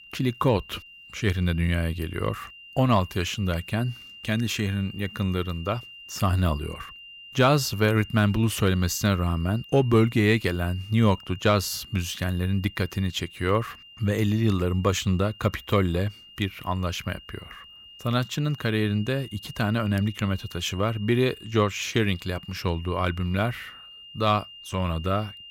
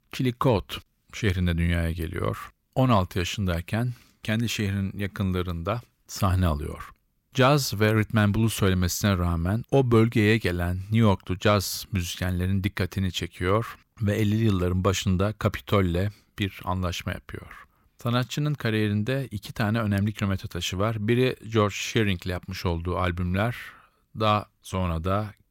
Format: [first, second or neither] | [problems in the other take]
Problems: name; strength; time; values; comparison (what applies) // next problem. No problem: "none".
second | high-pitched whine; noticeable; throughout; 3 kHz, 20 dB below the speech